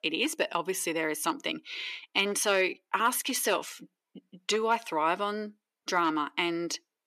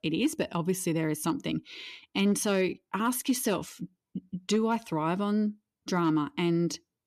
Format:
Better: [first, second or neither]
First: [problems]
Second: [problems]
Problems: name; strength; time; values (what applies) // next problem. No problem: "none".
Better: second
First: thin; very; fading below 500 Hz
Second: none